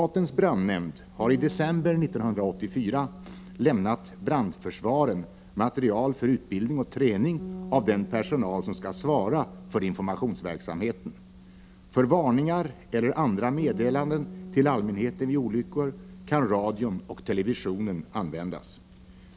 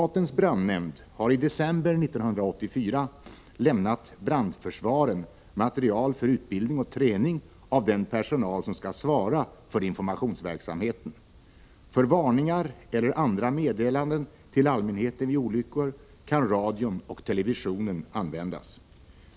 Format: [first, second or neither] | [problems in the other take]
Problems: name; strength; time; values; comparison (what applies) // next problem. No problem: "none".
second | background sound (Bass guitar); 16 dB below the speech